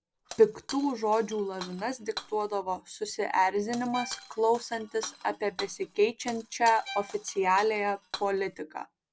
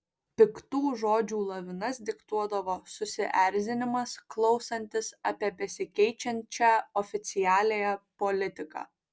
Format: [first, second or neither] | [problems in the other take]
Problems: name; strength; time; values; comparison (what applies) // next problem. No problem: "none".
second | background sound (Shatter + Bowed string instrument); 15 dB below the speech